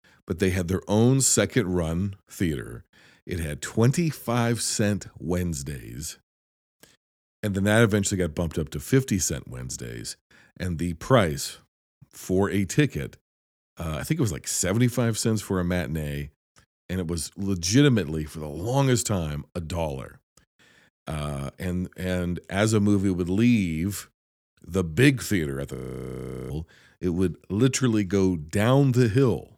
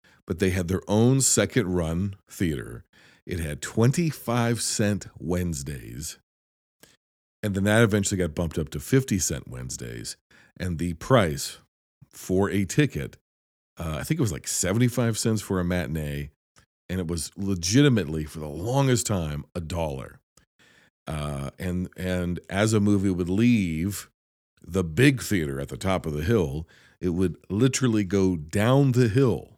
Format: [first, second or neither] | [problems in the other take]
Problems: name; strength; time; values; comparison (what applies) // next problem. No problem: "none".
second | audio freezing; at 26 s for 1 s